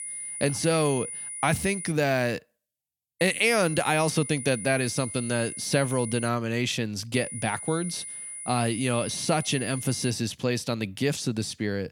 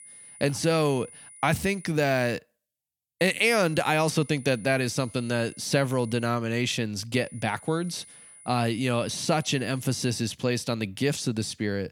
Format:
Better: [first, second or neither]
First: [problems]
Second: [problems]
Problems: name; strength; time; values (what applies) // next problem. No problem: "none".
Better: second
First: high-pitched whine; loud; until 2 s, from 3 to 6.5 s and from 7 to 10 s; 9.5 kHz, 8 dB below the speech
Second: high-pitched whine; faint; until 2 s, from 3 to 6.5 s and from 7 to 10 s; 9.5 kHz, 20 dB below the speech